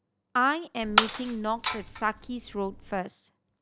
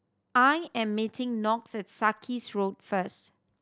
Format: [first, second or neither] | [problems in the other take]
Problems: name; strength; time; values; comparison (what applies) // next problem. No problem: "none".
second | background sound (Shatter); as loud as the speech